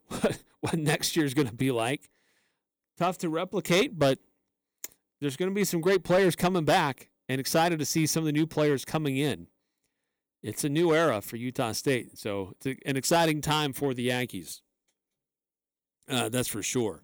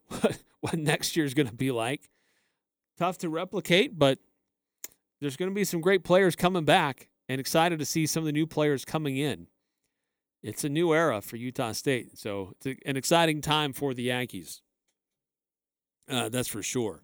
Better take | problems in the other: second | distortion; slight; 3% of the sound clipped

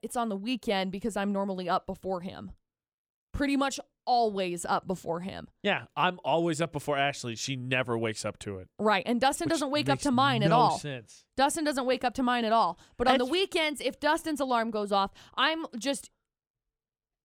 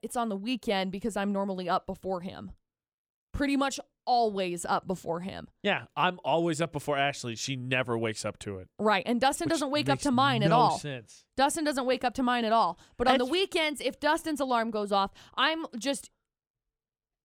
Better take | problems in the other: neither | none

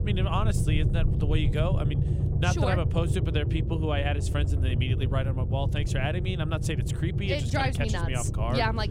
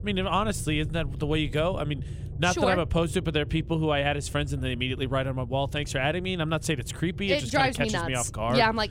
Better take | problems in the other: second | low rumble; loud; throughout; 8 dB below the speech; faint in the second

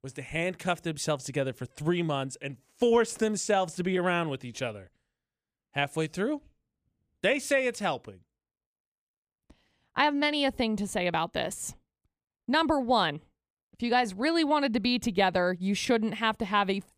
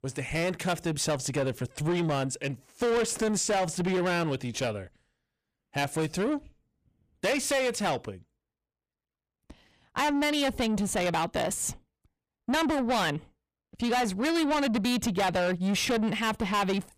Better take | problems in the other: first | distortion; heavy; 6 dB below the speech

